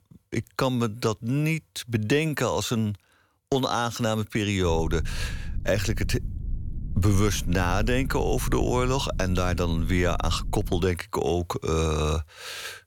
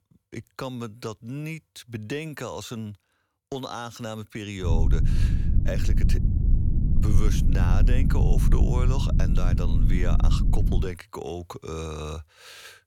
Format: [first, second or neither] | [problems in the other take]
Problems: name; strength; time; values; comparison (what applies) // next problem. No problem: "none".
first | low rumble; loud; from 4.5 to 11 s; 3 dB below the speech; faint in the first